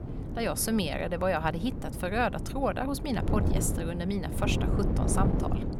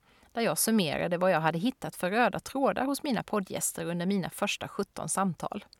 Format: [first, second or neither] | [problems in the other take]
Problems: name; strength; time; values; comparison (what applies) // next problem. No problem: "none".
second | wind noise on the microphone; heavy; 8 dB below the speech